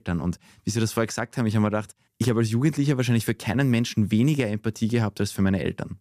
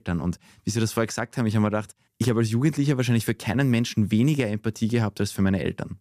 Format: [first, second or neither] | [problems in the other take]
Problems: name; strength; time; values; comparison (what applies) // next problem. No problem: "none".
neither | none